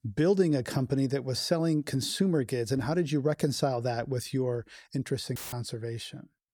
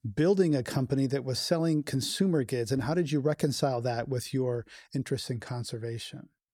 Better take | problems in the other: second | audio cutting out; filled with static; at 5.5 s

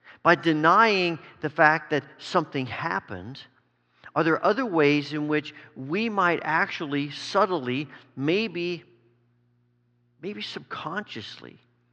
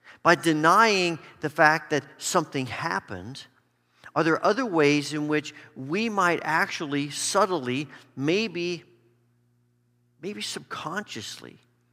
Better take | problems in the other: second | muffled; very slightly; fading above 4.5 kHz

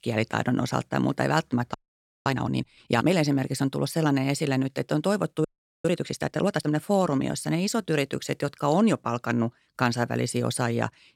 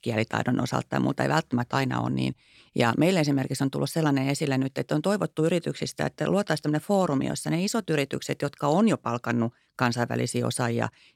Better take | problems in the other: second | audio freezing; at 1.5 s for 0.5 s and at 5.5 s

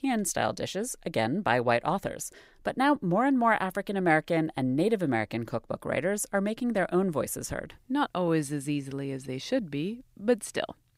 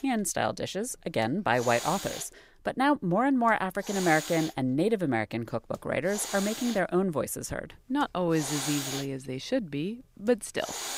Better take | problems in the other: first | hiss; loud; throughout; 8 dB below the speech

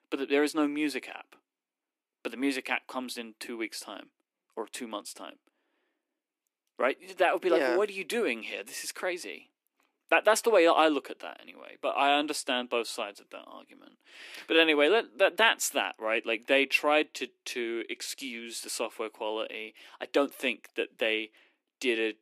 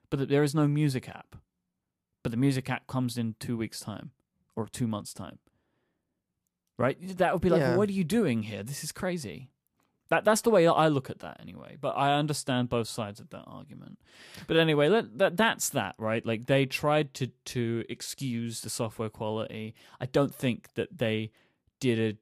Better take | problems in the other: second | thin; somewhat; fading below 300 Hz

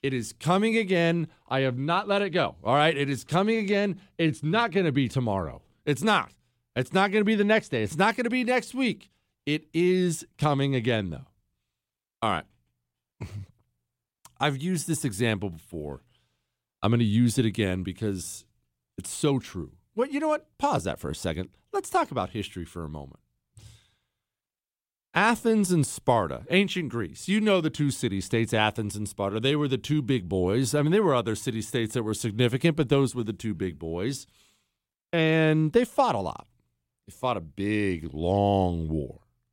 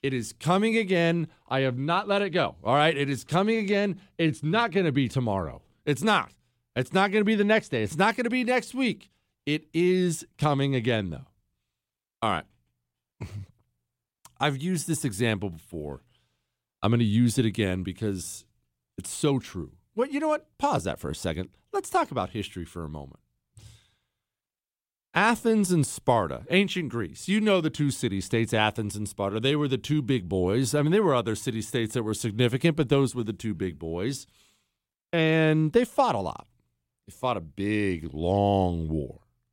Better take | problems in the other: neither | none

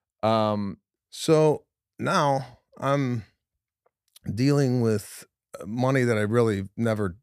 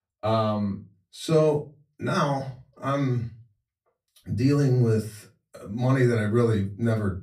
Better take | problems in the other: first | off-mic speech; far // room echo; very slight; dies away in 0.2 s

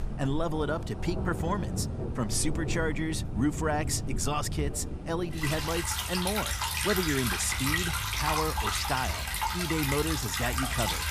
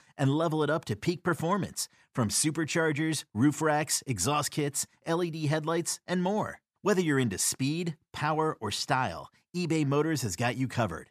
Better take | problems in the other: second | rain or running water; loud; throughout; as loud as the speech

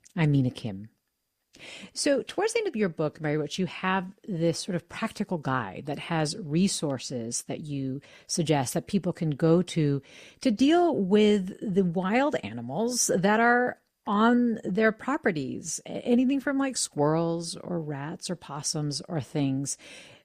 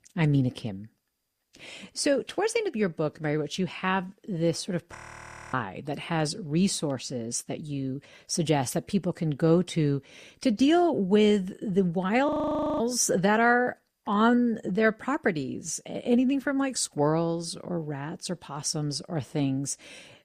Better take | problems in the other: first | audio freezing; at 5 s for 0.5 s and at 12 s for 0.5 s

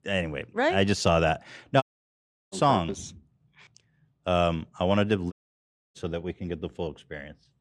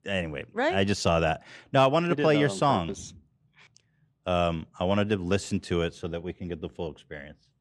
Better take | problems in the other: second | audio cutting out; at 2 s for 0.5 s and at 5.5 s for 0.5 s

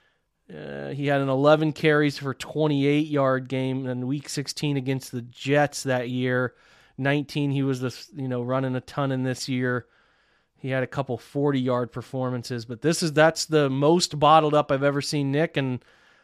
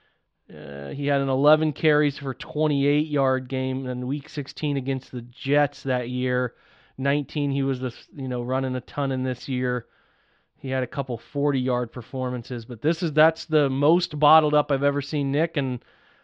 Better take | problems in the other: first | muffled; very slightly; fading above 4 kHz

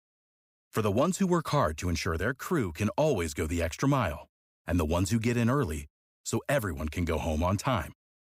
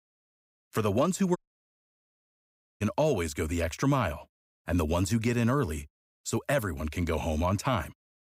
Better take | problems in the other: first | audio cutting out; at 1.5 s for 1.5 s

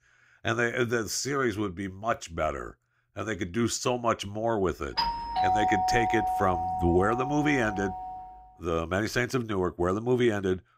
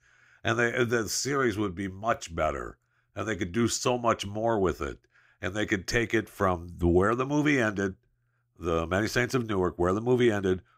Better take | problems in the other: second | doorbell; loud; from 5 to 8 s; peak 4 dB above the speech

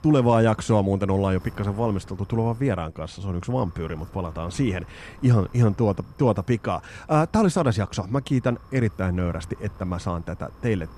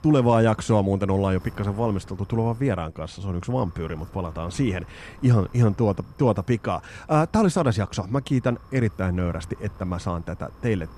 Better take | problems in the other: neither | wind noise on the microphone; occasional gusts; 25 dB below the speech; the same in both

